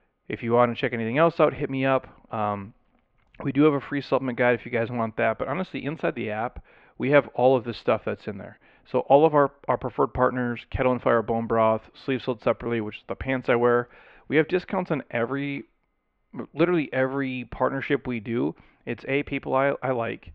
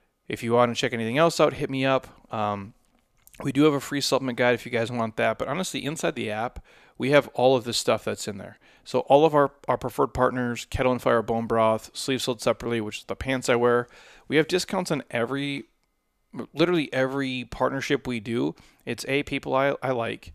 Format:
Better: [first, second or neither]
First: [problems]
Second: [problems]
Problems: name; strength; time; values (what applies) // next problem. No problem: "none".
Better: second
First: muffled; very; fading above 2.5 kHz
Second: none